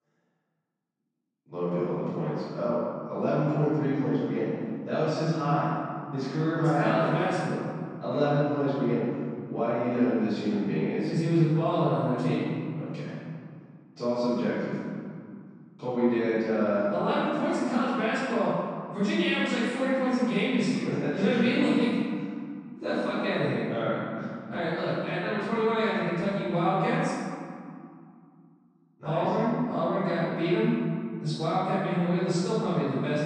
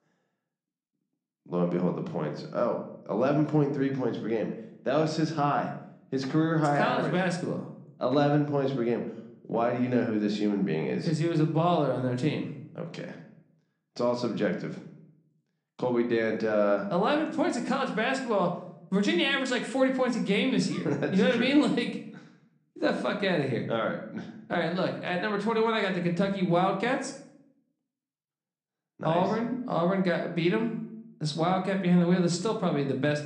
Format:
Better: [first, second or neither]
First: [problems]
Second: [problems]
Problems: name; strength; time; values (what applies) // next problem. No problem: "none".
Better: second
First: room echo; strong; dies away in 2.3 s // off-mic speech; far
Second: room echo; slight; dies away in 0.5 s